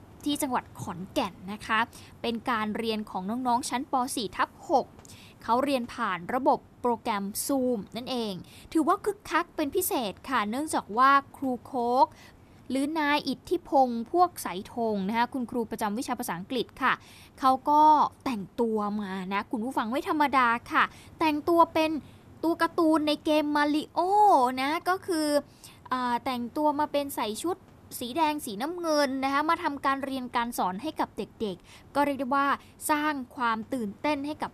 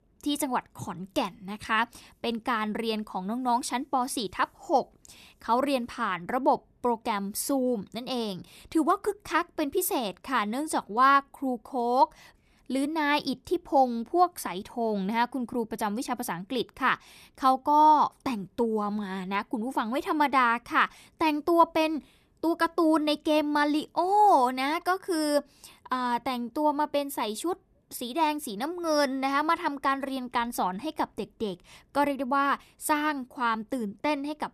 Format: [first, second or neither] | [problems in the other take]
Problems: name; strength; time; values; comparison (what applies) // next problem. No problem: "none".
second | hiss; faint; throughout; 25 dB below the speech